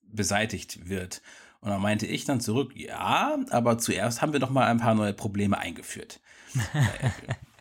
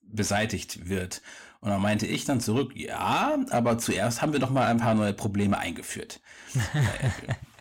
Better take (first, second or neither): first